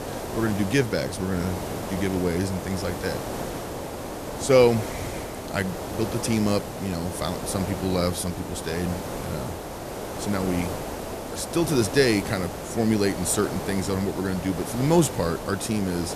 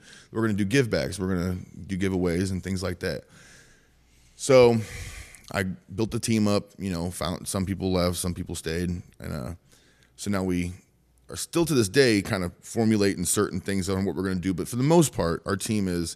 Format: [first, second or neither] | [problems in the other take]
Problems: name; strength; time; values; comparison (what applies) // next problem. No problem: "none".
second | hiss; loud; throughout; 7 dB below the speech